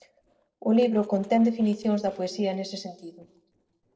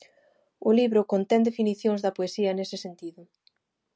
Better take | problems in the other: second | noise reduction (neural separator model SepFormer DNS4)

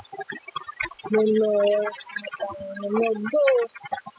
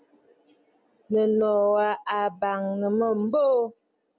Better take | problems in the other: second | noise reduction (classical method spectral subtraction)

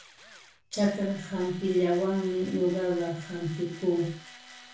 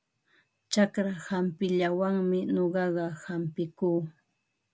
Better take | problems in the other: second | background sound (Tools); 20 dB below the speech // room echo; dies away in 0.4 s

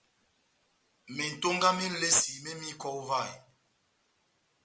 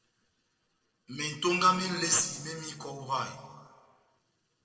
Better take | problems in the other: first | noise reduction (neural separator model SepFormer DNS4)

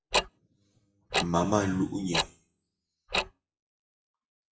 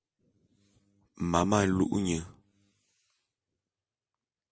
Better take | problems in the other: second | noise reduction (classical method WPE with log-MMSE)

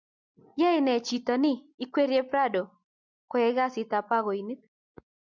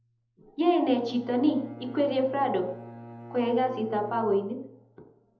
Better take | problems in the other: first | background sound (Bowed string instrument); 17 dB below the speech // room echo; dies away in 0.9 s

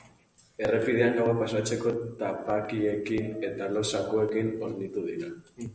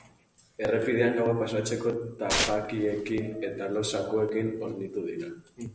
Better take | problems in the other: first | background sound (Tearing); 4 dB below the speech

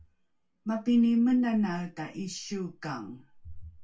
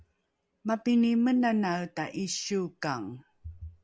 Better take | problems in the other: second | room echo; dies away in 0.2 s

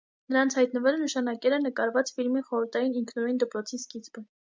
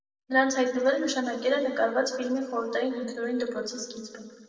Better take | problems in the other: first | room echo; dies away in 1.8 s

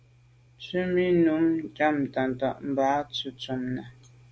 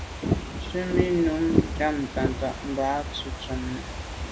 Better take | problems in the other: first | background sound (Fireworks / Ocean); 1 dB below the speech

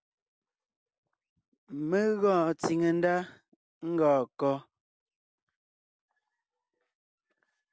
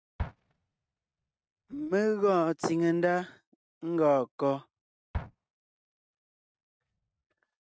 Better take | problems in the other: first | noise reduction (neural mask model RNNoise)

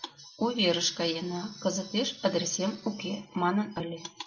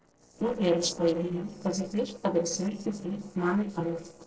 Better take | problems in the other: first | noise reduction (neural separator model SepFormer DNS4)

